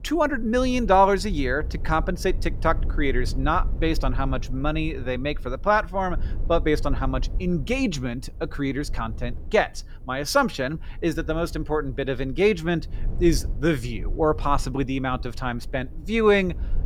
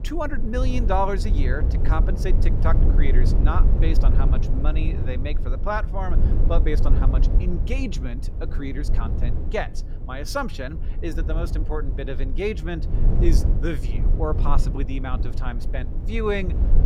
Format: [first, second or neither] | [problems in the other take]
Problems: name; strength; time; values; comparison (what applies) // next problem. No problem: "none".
first | low rumble; loud; throughout; 8 dB below the speech; faint in the first